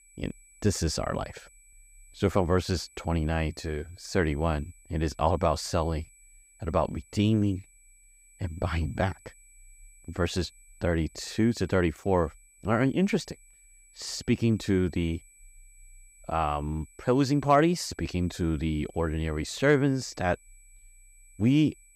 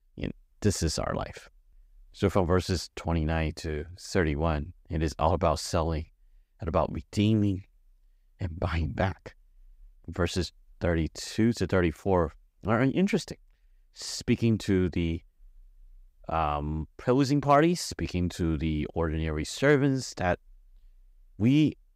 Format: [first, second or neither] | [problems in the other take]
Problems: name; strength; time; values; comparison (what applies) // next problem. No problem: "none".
second | high-pitched whine; faint; throughout; 8 kHz, 30 dB below the speech